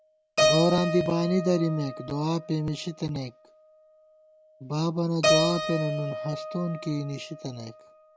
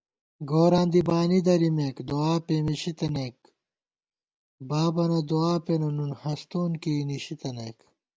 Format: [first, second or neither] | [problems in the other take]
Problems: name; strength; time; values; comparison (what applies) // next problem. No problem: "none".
second | background sound (Keyboard (musical)); 2 dB below the speech